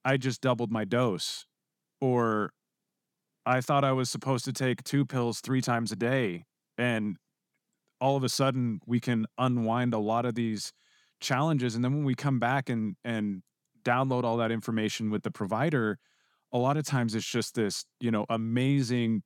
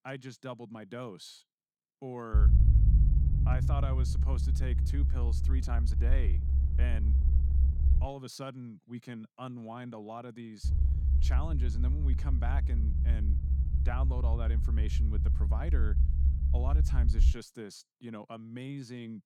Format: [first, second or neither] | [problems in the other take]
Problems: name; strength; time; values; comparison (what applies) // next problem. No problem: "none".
first | low rumble; loud; from 2.5 to 8 s and from 11 to 17 s; 3 dB below the speech